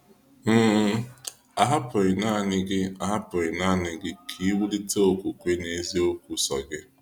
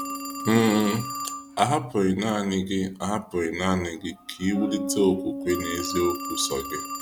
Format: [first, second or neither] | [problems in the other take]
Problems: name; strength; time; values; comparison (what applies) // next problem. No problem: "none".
first | background sound (Telephone + Bass guitar); 9 dB below the speech